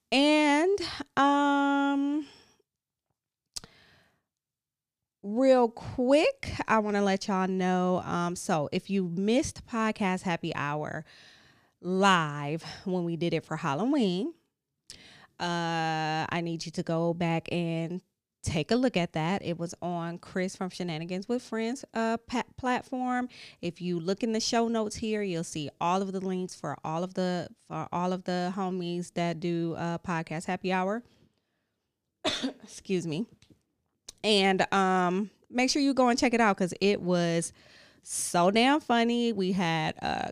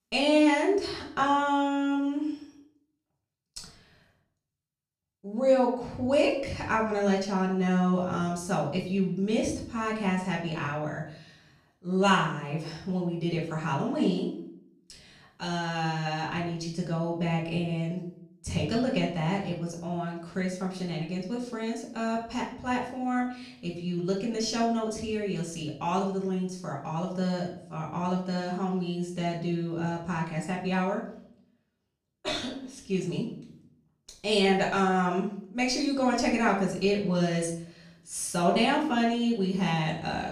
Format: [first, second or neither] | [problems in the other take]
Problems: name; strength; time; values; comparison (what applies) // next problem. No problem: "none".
first | room echo; slight; dies away in 0.5 s // off-mic speech; far